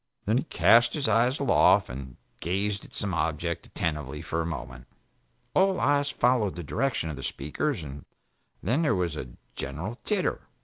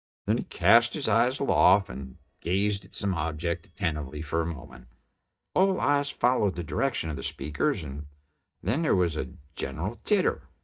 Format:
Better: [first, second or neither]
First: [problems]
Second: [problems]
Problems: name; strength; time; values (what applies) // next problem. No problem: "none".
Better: first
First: none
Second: noise reduction (neural mask model DeepFilterNet 3)